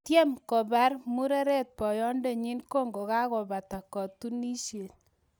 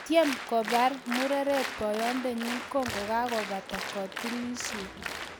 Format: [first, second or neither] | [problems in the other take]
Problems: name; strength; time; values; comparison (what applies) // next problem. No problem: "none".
first | background sound (Applause); 7 dB below the speech